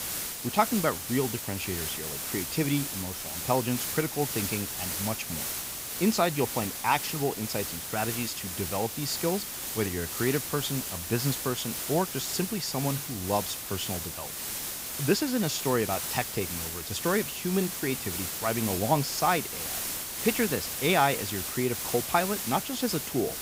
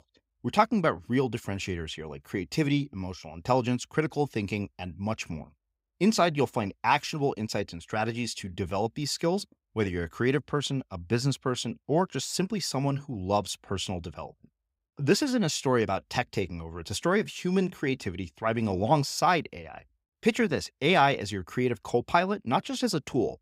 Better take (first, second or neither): second